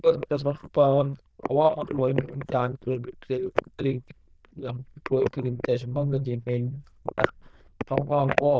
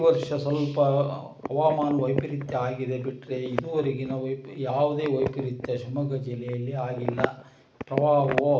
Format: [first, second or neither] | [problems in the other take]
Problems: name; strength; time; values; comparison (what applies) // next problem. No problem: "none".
second | noise reduction (neural diffusion model UNIVERSE++)